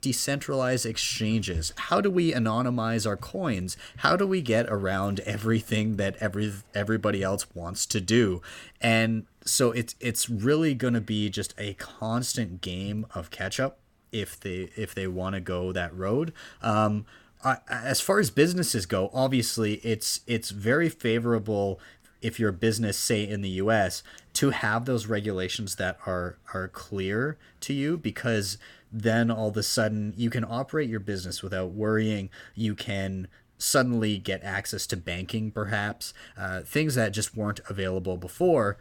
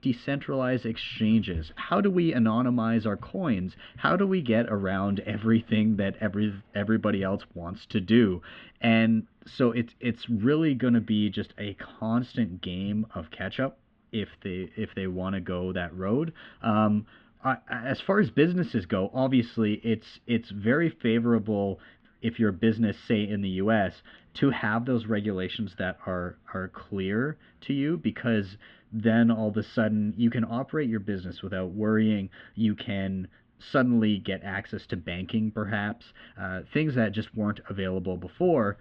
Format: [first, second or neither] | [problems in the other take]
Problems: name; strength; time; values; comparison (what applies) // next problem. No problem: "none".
first | muffled; very; fading above 3.5 kHz